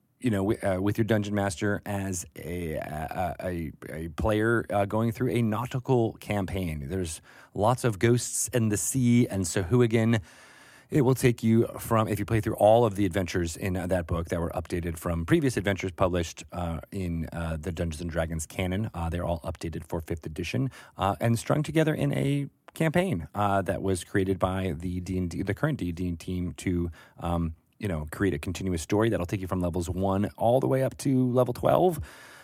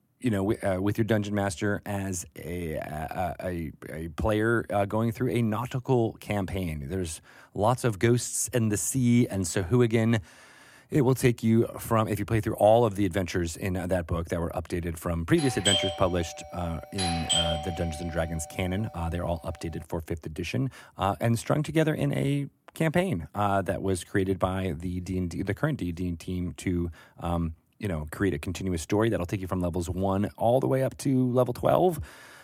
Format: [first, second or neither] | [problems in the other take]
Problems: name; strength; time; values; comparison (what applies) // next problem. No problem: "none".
first | doorbell; loud; from 15 to 18 s; peak 4 dB above the speech